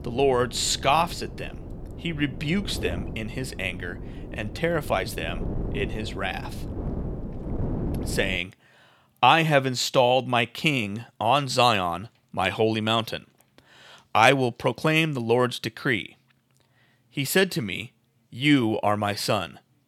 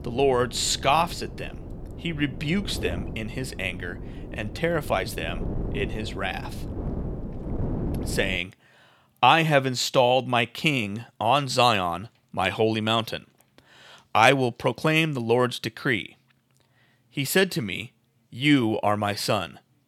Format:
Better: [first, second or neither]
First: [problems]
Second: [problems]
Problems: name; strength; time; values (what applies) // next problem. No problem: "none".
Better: neither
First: wind noise on the microphone; occasional gusts; until 8.5 s; 20 dB below the speech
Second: wind noise on the microphone; occasional gusts; until 8.5 s; 20 dB below the speech